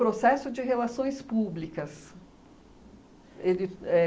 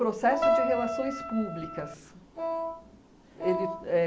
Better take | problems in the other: first | background sound (Wind instrument, woodwind instrument + Keyboard (musical)); as loud as the speech

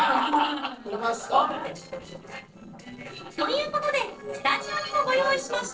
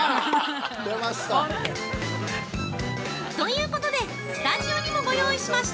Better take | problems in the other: second | noise reduction (neural separator model SepFormer DNS4)

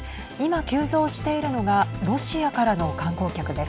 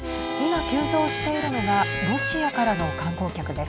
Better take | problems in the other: first | background sound (Harmonica); 5 dB below the speech

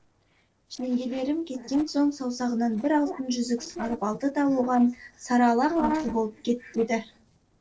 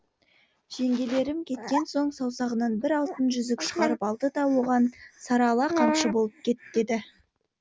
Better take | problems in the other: second | noise reduction (neural separator model SepFormer DNS4)

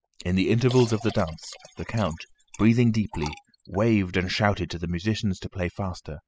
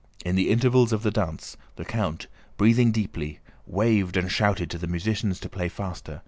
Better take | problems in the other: second | noise reduction (classical method spectral subtraction)

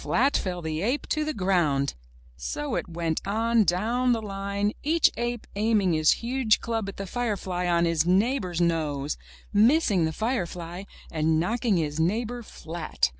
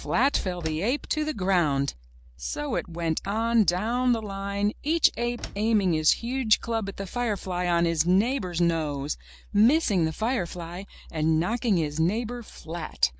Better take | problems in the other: first | background sound (Slam); 18 dB below the speech

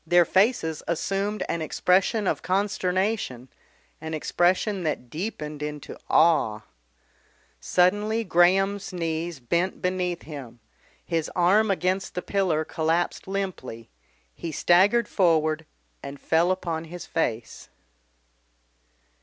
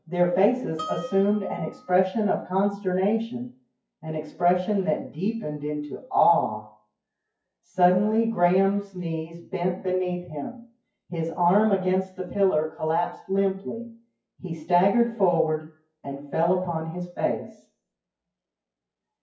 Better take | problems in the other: first | noise reduction (classical method WPE with log-MMSE)

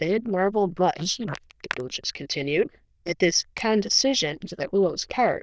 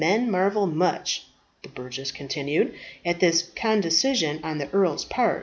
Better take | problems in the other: second | noise reduction (neural diffusion model UNIVERSE++)

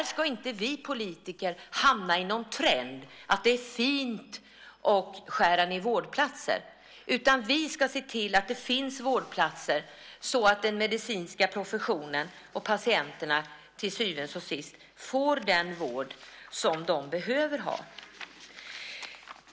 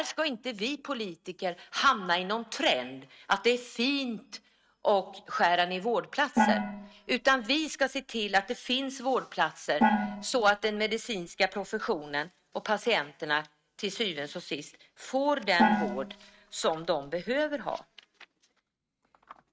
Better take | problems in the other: first | noise reduction (neural mask model RNNoise)

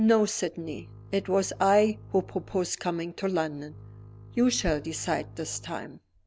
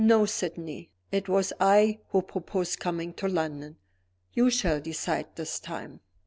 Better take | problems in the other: second | background sound (Bowed string instrument); 20 dB below the speech

